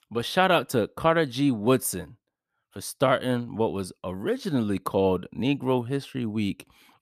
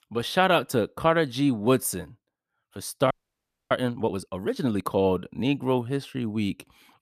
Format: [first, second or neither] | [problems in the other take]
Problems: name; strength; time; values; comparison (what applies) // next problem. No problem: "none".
first | audio freezing; at 3 s for 0.5 s